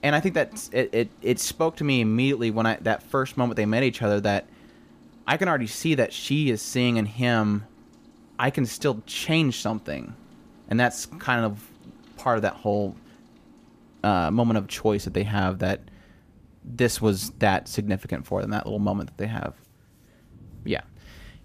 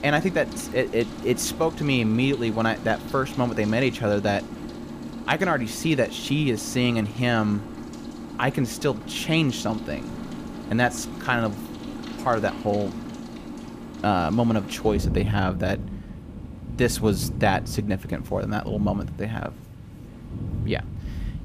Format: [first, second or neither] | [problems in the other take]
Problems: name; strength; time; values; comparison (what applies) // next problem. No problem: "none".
first | rain or running water; loud; throughout; 10 dB below the speech; faint in the first